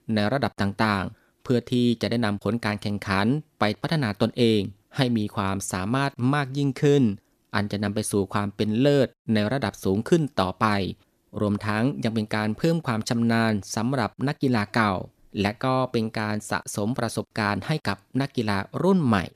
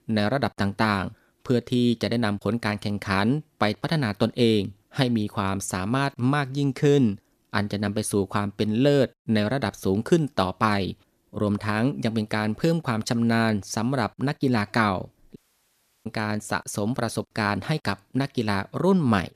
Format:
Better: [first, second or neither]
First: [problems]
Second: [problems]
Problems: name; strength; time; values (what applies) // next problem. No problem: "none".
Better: first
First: none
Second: audio cutting out; at 15 s for 0.5 s